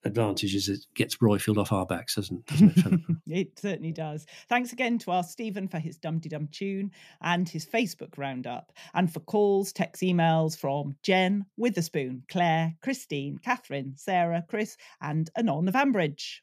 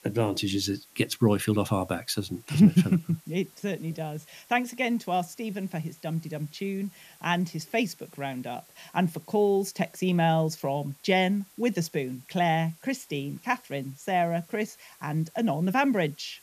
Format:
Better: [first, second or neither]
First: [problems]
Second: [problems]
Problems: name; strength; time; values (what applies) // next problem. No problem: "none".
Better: first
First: none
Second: hiss; faint; throughout; 25 dB below the speech